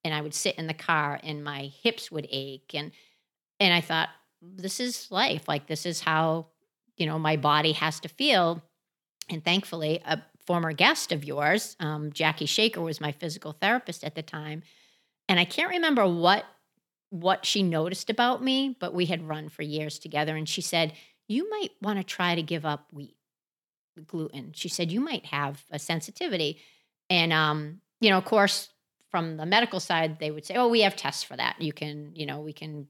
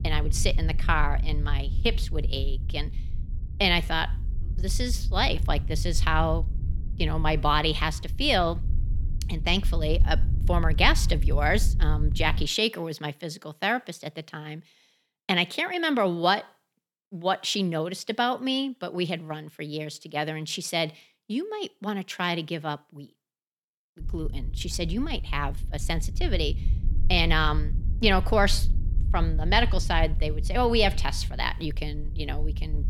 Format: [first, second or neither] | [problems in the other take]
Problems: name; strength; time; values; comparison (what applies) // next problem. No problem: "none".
first | low rumble; faint; until 12 s and from 24 s on; 20 dB below the speech